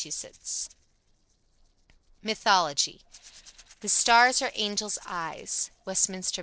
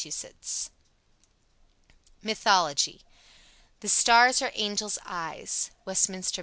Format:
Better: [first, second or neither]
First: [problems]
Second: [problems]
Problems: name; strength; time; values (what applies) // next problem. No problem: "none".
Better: second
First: noise reduction (neural separator model SepFormer DNS4)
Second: none